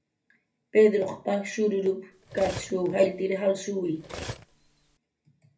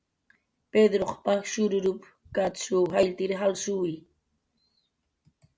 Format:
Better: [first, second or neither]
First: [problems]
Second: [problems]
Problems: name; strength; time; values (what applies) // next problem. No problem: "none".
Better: second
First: background sound (Cutlery, silverware); 14 dB below the speech // room echo; dies away in 0.3 s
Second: none